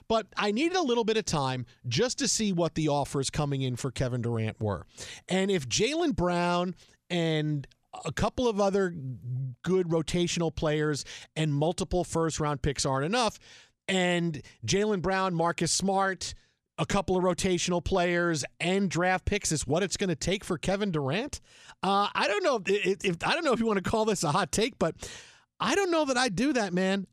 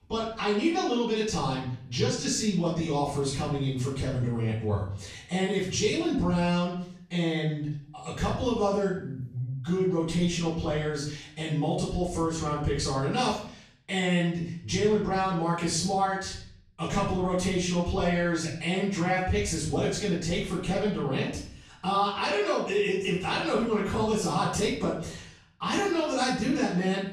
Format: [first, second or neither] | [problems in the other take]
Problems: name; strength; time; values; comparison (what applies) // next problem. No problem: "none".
first | off-mic speech; far // room echo; noticeable; dies away in 0.6 s